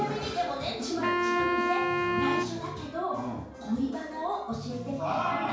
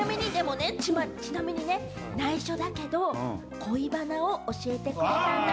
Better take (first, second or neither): second